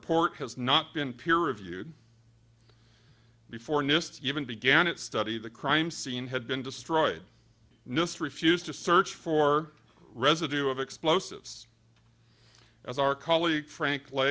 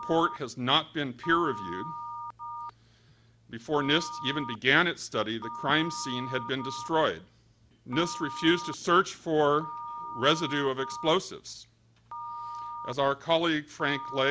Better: first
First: none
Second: background sound (Telephone); 11 dB below the speech

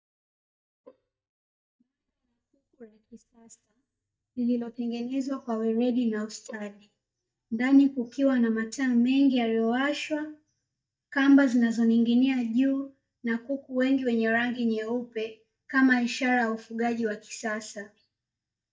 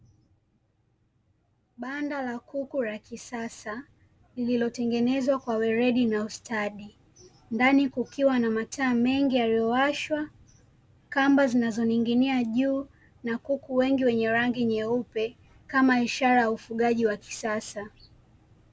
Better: second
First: noise reduction (neural mask model DeepFilterNet 3)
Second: none

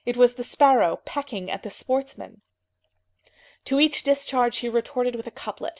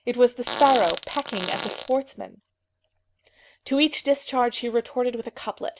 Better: first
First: none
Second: background sound (Fart); 8 dB below the speech

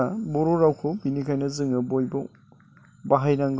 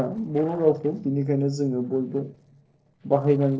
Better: first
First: none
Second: noise reduction (neural separator model SepFormer DNS4)

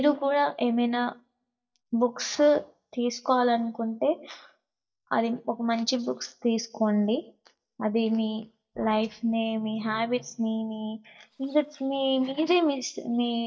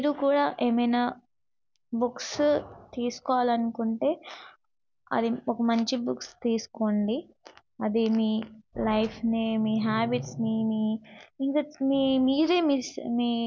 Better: second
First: noise reduction (neural mask model DeepFilterNet 3)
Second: none

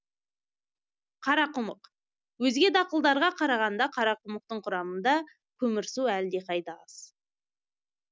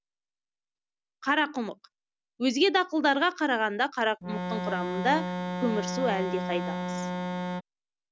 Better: first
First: none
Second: background sound (Organ); 2 dB below the speech

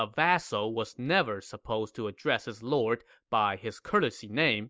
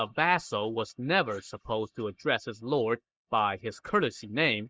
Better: first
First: none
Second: noise reduction (neural mask model Resemble Enhance denoiser)

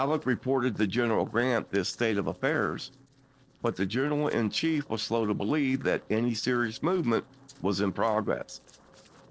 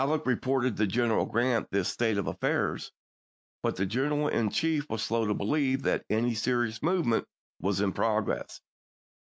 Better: second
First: noise reduction (neural separator model SepFormer DNS4)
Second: none

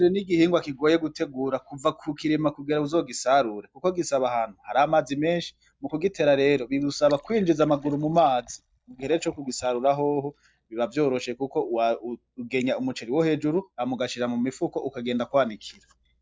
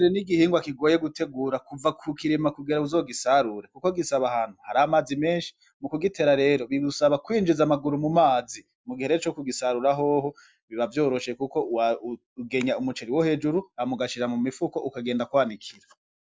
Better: second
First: noise reduction (neural mask model DeepFilterNet 3)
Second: none

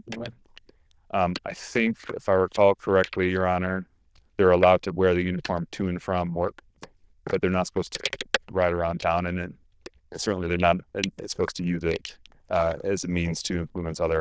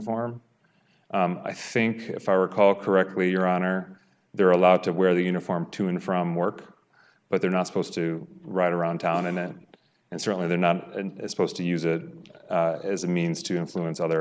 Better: second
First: noise reduction (neural diffusion model UNIVERSE++)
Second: none

